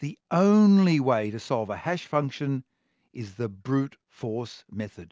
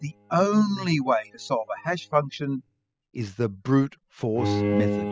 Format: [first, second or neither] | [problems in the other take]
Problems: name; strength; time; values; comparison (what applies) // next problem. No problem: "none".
first | noise reduction (classical method spectral subtraction)